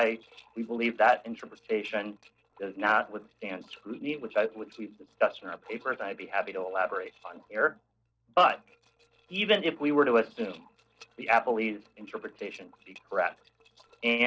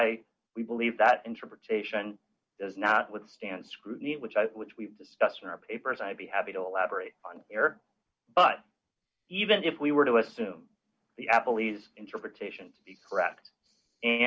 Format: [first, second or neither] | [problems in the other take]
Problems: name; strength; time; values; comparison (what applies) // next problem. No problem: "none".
second | noise reduction (neural separator model SepFormer DNS4)